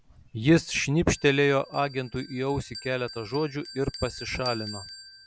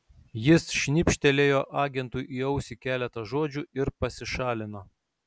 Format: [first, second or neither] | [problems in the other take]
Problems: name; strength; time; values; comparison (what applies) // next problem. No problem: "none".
second | background sound (Bell); 17 dB below the speech